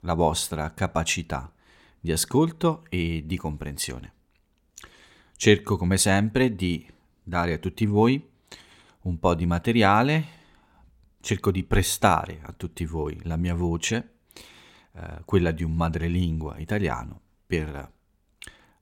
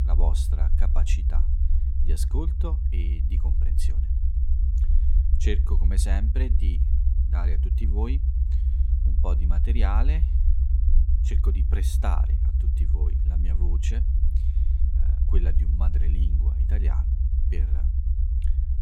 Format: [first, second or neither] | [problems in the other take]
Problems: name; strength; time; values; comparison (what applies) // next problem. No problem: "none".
first | low rumble; loud; throughout; 4 dB below the speech